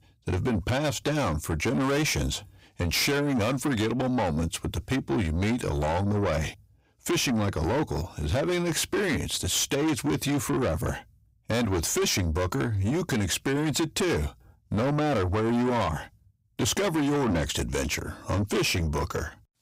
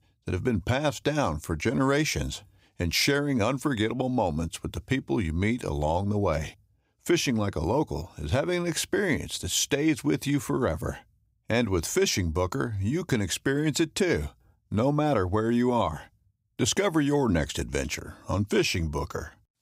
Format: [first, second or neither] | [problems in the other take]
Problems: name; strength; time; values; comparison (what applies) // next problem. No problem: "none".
second | distortion; heavy; 7 dB below the speech